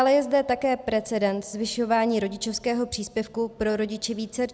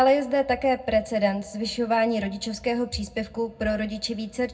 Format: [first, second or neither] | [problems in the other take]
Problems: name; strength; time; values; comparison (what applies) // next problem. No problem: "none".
first | room echo; dies away in 0.3 s